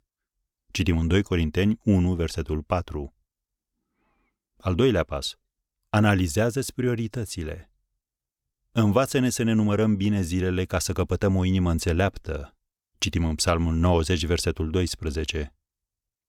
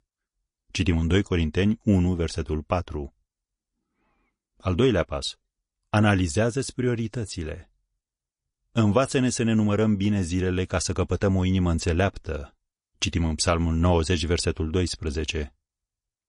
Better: first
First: none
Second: garbled, watery; slightly; nothing above 10.5 kHz

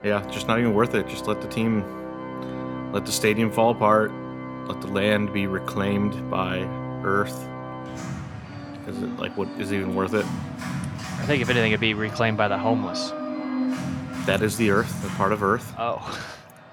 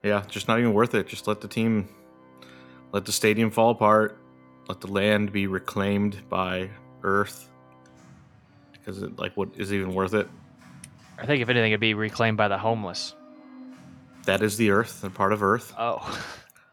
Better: second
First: background music; loud; throughout; 8 dB below the speech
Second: background music; faint; throughout; 25 dB below the speech

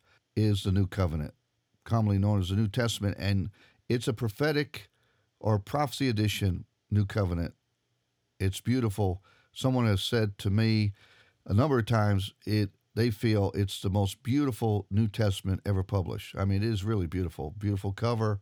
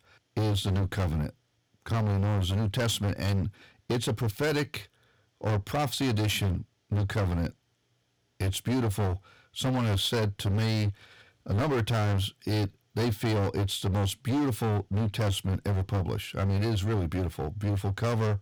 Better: first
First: none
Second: distortion; heavy; 23% of the sound clipped

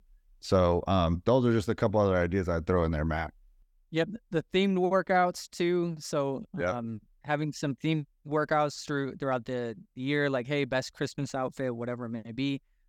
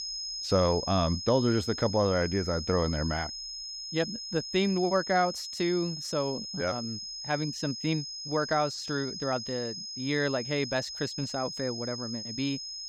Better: first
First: none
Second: high-pitched whine; loud; throughout; 5 kHz, 6 dB below the speech

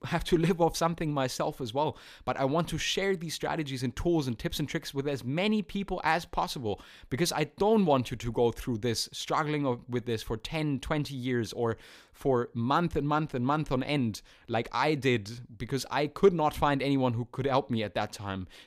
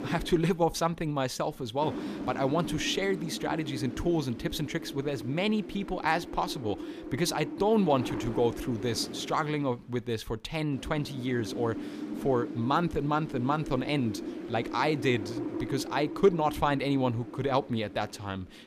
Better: first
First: none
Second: wind noise on the microphone; occasional gusts; 10 dB below the speech

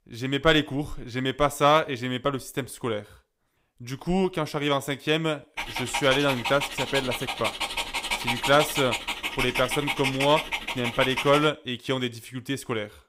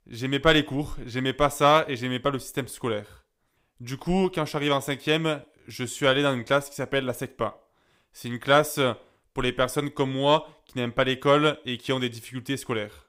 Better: second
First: dog barking; noticeable; from 5.5 to 11 s; peak level with the speech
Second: none

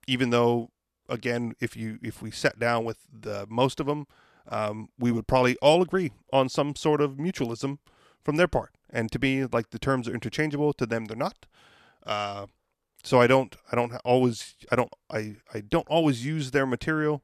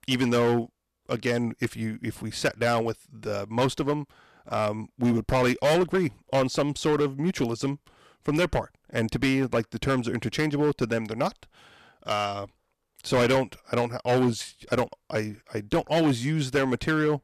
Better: first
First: none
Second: distortion; heavy; 7% of the sound clipped

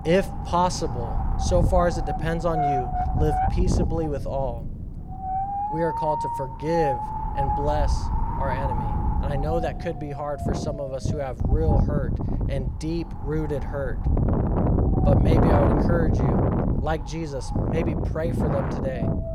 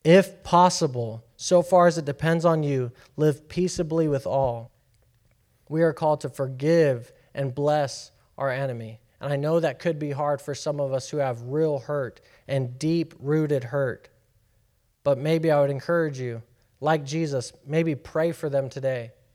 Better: second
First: wind noise on the microphone; heavy; as loud as the speech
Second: none

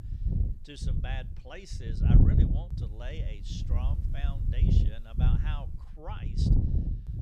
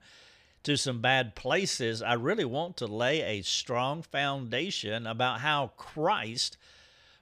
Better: second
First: wind noise on the microphone; heavy; 3 dB above the speech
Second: none

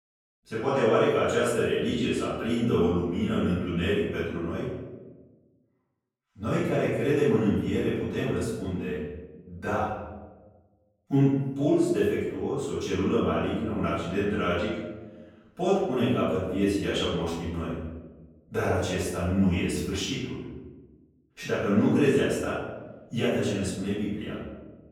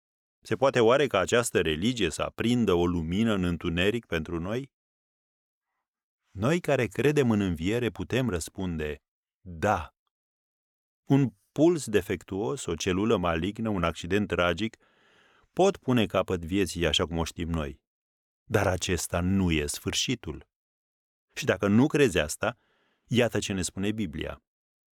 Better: second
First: off-mic speech; far // room echo; strong; dies away in 1.1 s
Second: none

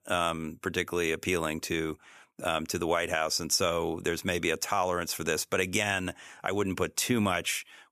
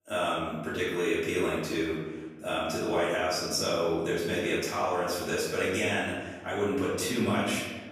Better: first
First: none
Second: off-mic speech; far // room echo; strong; dies away in 1.2 s

